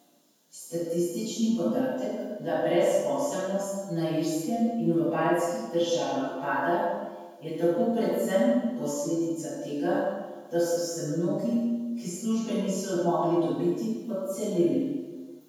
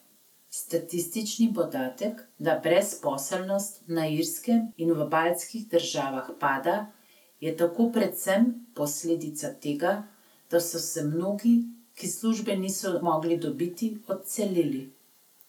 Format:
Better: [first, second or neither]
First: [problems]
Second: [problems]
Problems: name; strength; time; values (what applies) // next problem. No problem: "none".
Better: second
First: room echo; dies away in 1.2 s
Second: none